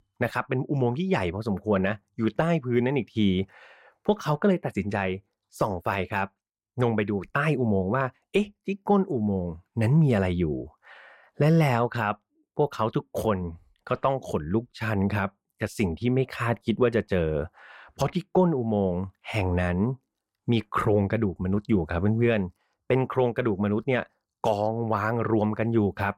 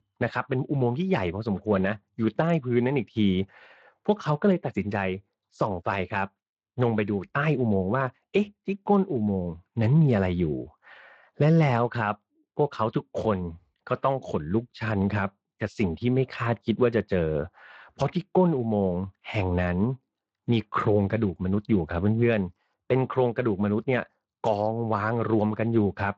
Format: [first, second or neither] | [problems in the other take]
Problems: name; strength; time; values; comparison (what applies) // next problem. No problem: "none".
first | garbled, watery; slightly